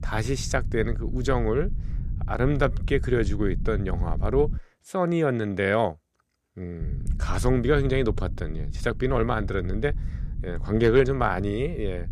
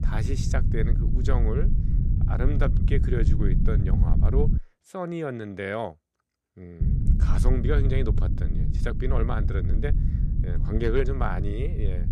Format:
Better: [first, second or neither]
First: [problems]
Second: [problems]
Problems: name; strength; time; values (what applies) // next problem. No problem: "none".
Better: first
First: low rumble; faint; until 4.5 s and from 7 s on; 20 dB below the speech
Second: low rumble; loud; until 4.5 s and from 7 s on; 7 dB below the speech